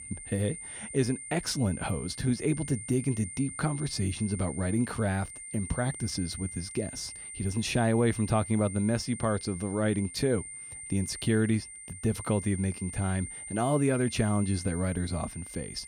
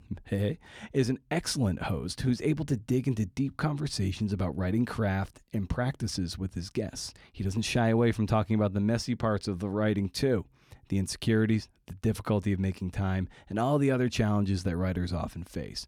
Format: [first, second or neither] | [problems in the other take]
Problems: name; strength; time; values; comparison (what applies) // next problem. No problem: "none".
second | high-pitched whine; loud; throughout; 9 kHz, 10 dB below the speech